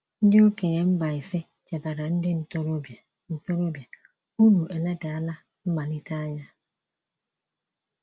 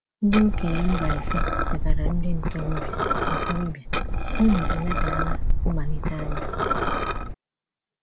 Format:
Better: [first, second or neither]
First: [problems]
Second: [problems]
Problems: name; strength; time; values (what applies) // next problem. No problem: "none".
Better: first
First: none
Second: background sound (Liquid); 5 dB above the speech